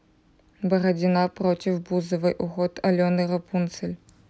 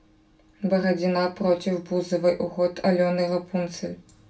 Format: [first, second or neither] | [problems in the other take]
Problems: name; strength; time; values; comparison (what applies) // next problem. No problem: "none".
first | room echo; dies away in 0.2 s